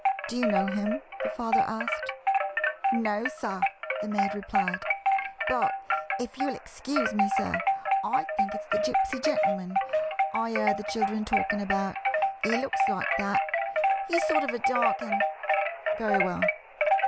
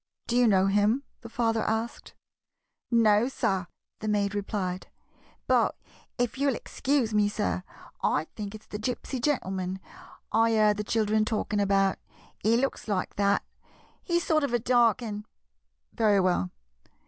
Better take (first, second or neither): second